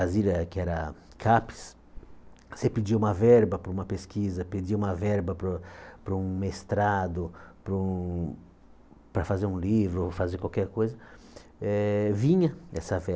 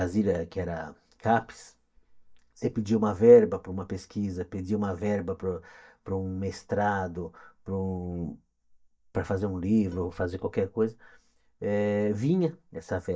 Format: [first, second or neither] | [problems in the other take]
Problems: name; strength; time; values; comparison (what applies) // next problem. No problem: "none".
first | noise reduction (neural mask model DeepFilterNet 3)